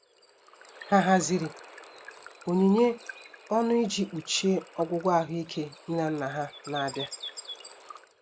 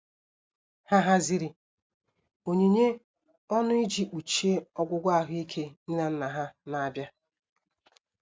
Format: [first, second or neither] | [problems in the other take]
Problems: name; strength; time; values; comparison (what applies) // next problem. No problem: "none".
second | background sound (Water / Bird); 17 dB below the speech